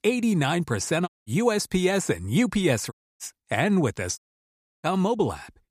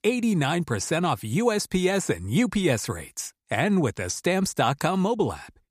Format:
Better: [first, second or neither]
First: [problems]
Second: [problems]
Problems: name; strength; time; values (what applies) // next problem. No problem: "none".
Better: second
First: audio cutting out; at 1 s, at 3 s and at 4 s for 0.5 s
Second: none